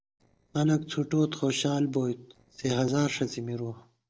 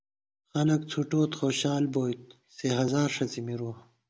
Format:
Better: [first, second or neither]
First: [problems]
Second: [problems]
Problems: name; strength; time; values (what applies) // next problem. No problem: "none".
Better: second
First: noise reduction (neural separator model SepFormer DNS4)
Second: none